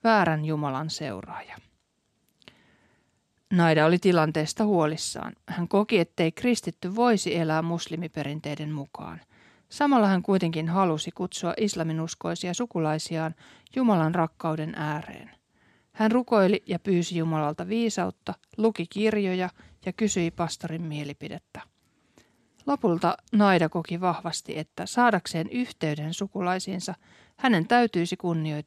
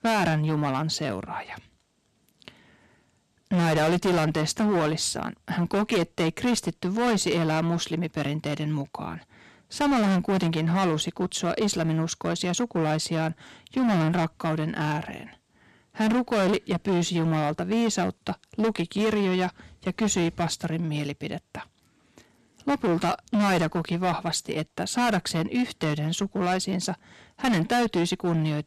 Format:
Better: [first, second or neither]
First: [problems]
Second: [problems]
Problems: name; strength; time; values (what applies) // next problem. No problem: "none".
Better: first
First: none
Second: distortion; heavy; 13% of the sound clipped